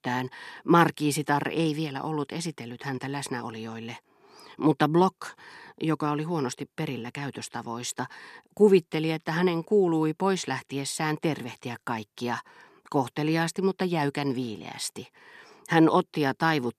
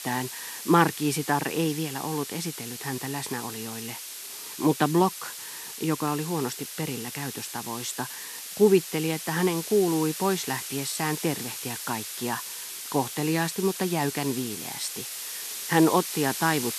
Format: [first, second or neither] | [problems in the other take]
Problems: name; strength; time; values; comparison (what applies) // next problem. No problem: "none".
first | hiss; loud; throughout; 7 dB below the speech